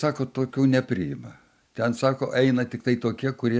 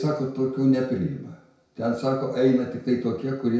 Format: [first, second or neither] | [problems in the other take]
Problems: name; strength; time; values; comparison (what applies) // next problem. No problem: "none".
first | room echo; dies away in 0.6 s